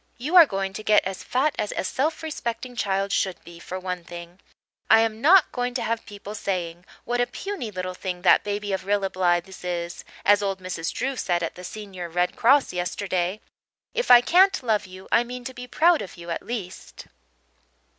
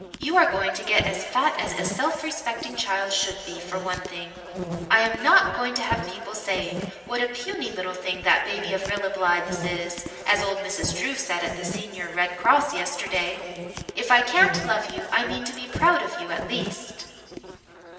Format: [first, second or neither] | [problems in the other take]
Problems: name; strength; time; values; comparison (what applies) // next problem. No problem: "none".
first | background sound (Insect); 11 dB below the speech // room echo; dies away in 2.3 s